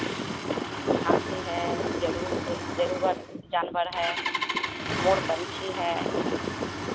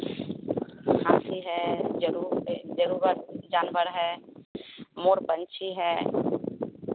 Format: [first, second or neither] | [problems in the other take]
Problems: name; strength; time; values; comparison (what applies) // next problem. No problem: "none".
second | background sound (Engine starting); 4 dB below the speech